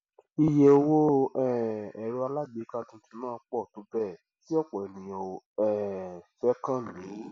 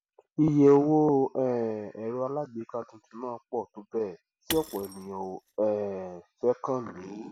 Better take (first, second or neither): first